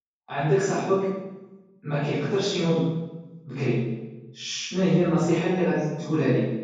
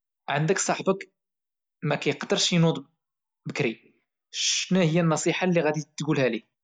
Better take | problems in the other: second | room echo; dies away in 1.3 s

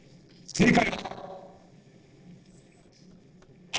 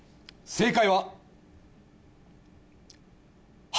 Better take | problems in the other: second | noise reduction (neural separator model SepFormer DNS4)

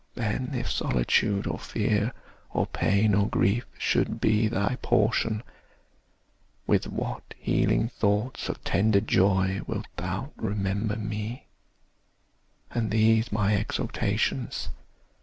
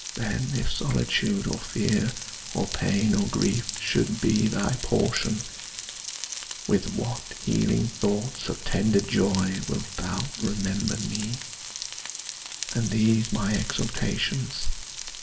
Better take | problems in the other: first | background sound (Frying (food)); 10 dB below the speech // room echo; dies away in 0.7 s

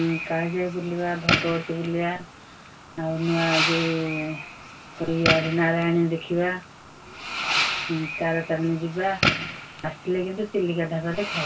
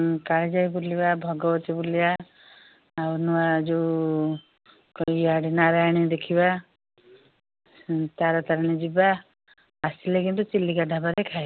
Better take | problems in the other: second | background sound (Fireworks); 4 dB below the speech // room echo; dies away in 0.1 s

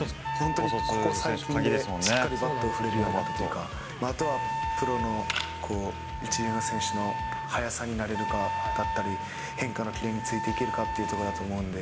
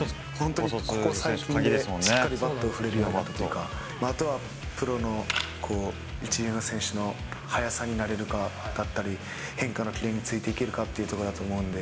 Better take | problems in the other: second | background sound (Wind instrument, woodwind instrument); 3 dB below the speech

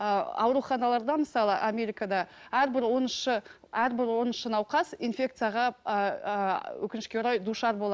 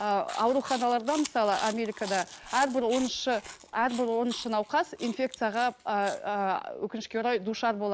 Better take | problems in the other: first | background sound (Chewing, mastication); 16 dB below the speech

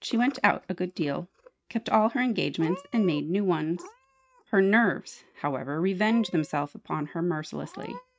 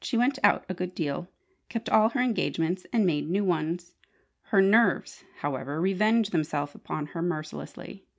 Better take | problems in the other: second | noise reduction (neural mask model RNNoise)

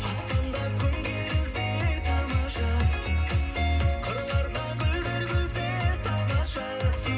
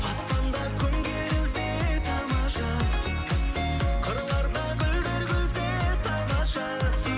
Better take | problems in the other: second | room echo; dies away in 0.2 s

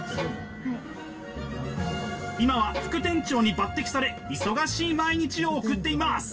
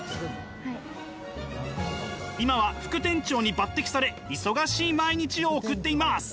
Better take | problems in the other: second | background sound (Bowed string instrument); 15 dB below the speech // room echo; dies away in 0.1 s

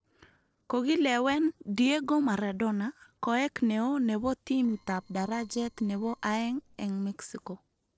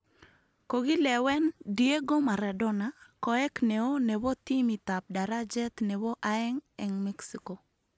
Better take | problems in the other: second | noise reduction (neural separator model SepFormer DNS4)

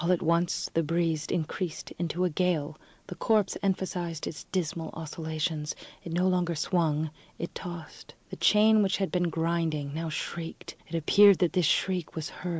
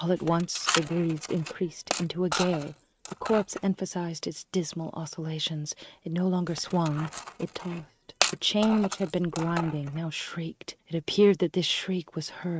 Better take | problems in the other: first | noise reduction (neural mask model RNNoise)

